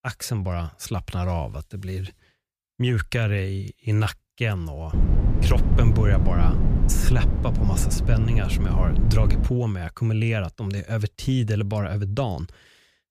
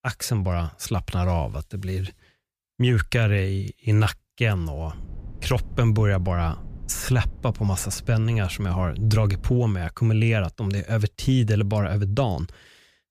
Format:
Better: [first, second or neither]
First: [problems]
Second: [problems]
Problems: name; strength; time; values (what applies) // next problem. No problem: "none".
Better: second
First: low rumble; loud; from 5 to 9.5 s; 4 dB below the speech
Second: low rumble; faint; from 5 to 9.5 s; 25 dB below the speech